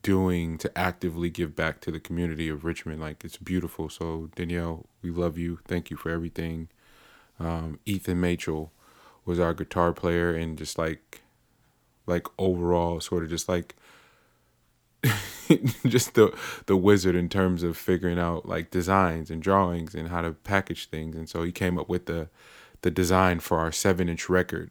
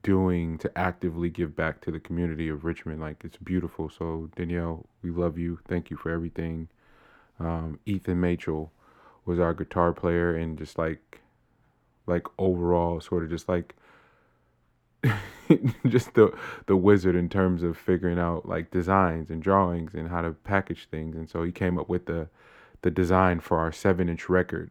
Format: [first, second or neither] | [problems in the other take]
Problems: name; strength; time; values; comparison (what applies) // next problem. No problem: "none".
first | muffled; slightly; fading above 3 kHz